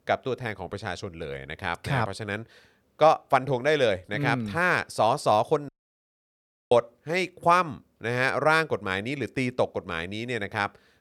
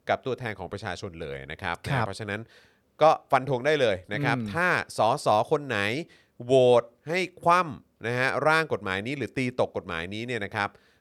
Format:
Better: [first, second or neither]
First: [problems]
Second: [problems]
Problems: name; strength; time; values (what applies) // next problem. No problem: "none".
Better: second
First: audio cutting out; at 5.5 s for 1 s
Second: none